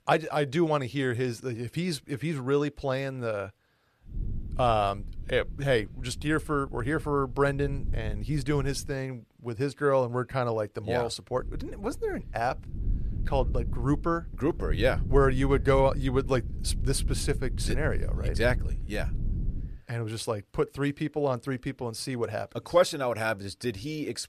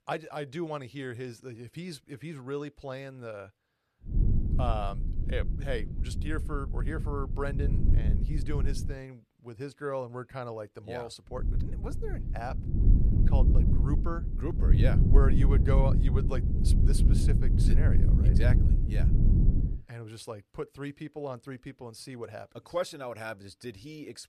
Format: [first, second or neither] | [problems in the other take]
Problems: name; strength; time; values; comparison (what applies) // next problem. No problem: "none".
first | low rumble; loud; from 4 to 9 s and from 11 to 20 s; 3 dB below the speech; faint in the first